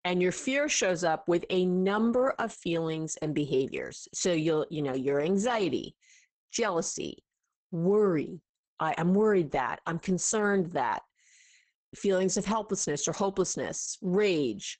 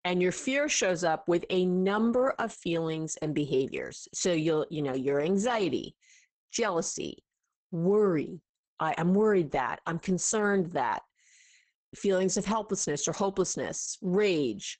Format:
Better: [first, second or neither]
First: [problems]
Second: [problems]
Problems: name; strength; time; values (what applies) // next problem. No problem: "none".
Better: neither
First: garbled, watery; badly; nothing above 8 kHz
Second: garbled, watery; badly; nothing above 8 kHz